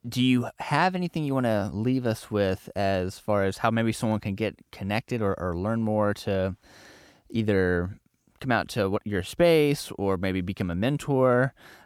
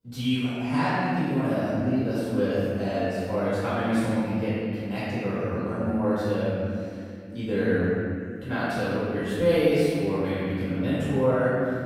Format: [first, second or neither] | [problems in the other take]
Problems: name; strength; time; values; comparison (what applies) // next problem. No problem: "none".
first | off-mic speech; far // room echo; strong; dies away in 2.3 s